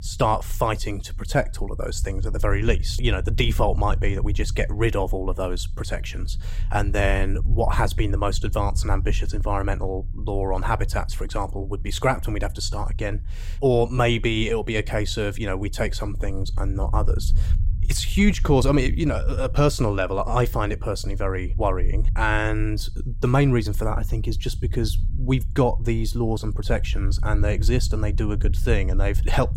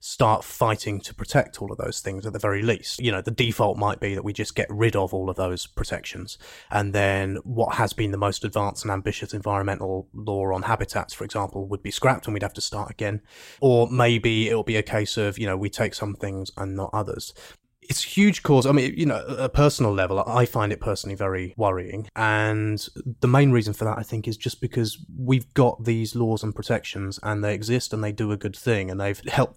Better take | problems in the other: second | low rumble; faint; throughout; 20 dB below the speech

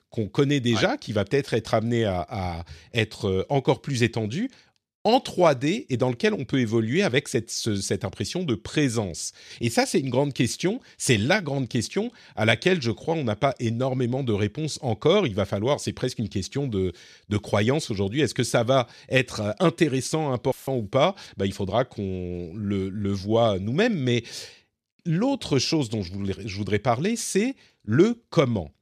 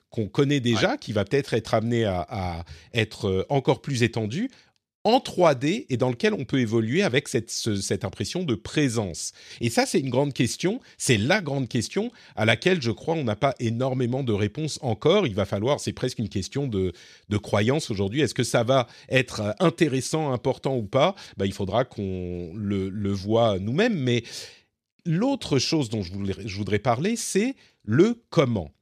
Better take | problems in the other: second | audio cutting out; filled with static; at 21 s

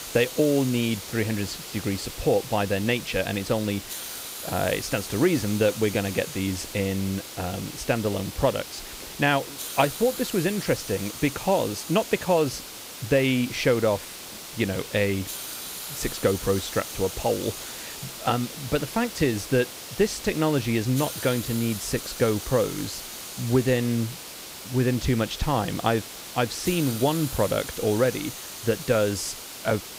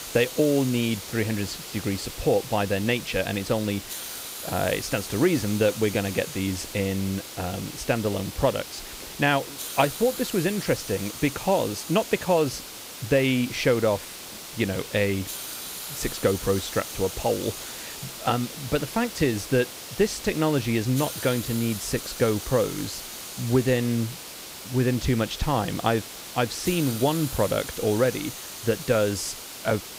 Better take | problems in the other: neither | hiss; loud; throughout; 9 dB below the speech; the same in both

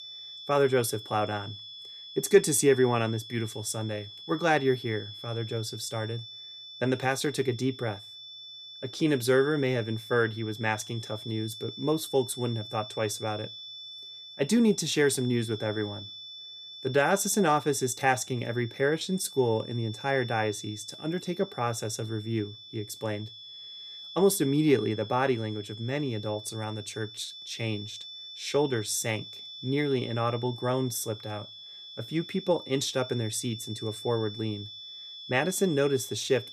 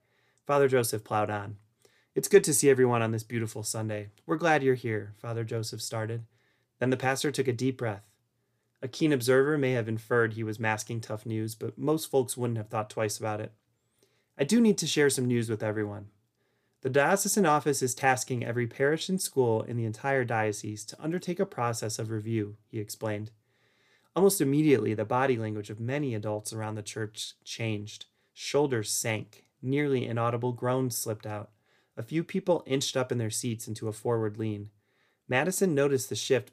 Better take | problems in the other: second | high-pitched whine; noticeable; throughout; 3.5 kHz, 15 dB below the speech

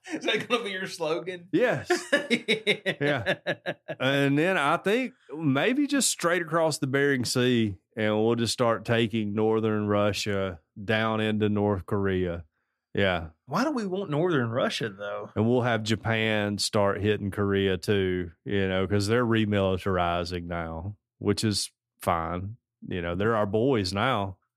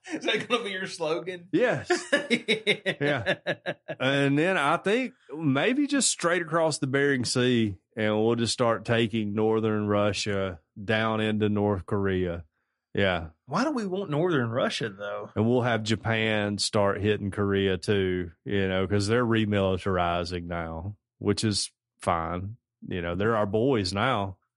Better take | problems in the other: first | garbled, watery; slightly; nothing above 10.5 kHz

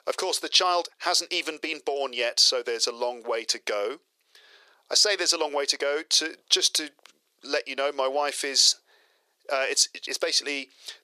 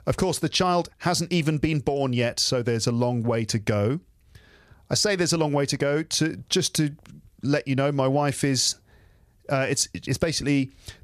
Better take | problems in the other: second | thin; very; fading below 400 Hz

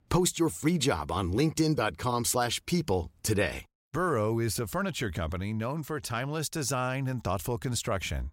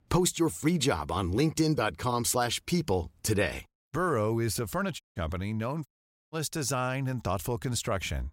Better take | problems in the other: first | audio cutting out; at 5 s and at 6 s

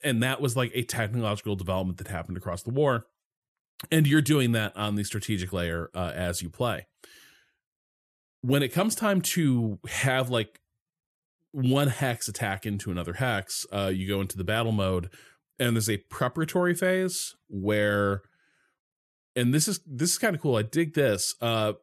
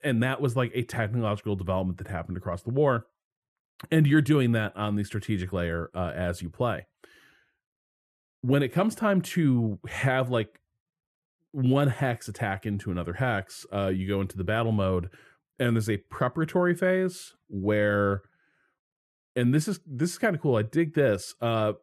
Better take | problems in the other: first | muffled; slightly; fading above 3 kHz

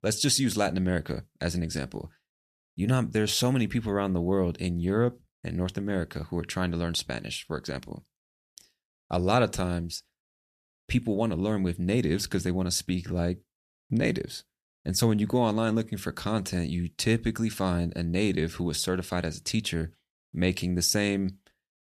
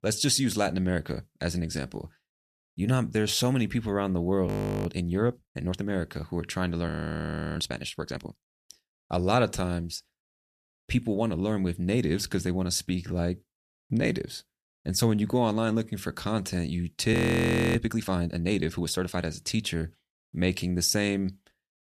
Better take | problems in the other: first | audio freezing; at 4.5 s, at 7 s for 0.5 s and at 17 s for 0.5 s

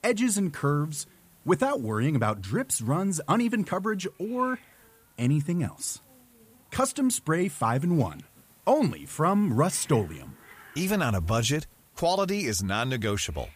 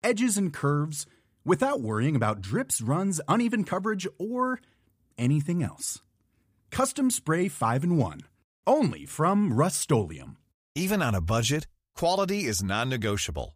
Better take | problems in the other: second | hiss; faint; throughout; 25 dB below the speech

